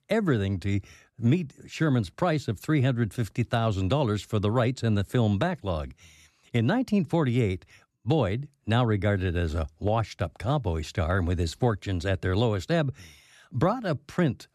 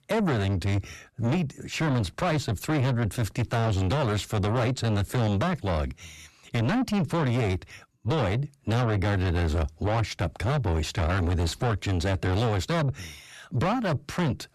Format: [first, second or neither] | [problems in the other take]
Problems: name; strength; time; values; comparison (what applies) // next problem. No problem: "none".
first | distortion; heavy; 5 dB below the speech